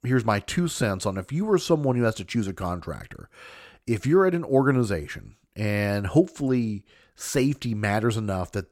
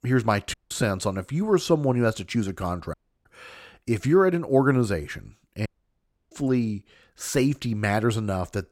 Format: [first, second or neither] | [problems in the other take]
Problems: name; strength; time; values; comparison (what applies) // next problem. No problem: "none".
first | audio cutting out; at 0.5 s, at 3 s and at 5.5 s for 0.5 s